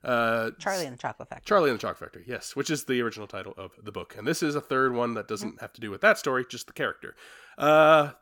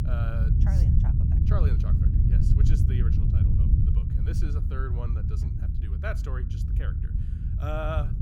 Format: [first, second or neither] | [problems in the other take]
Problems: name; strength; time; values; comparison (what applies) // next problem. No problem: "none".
first | low rumble; loud; throughout; 1 dB below the speech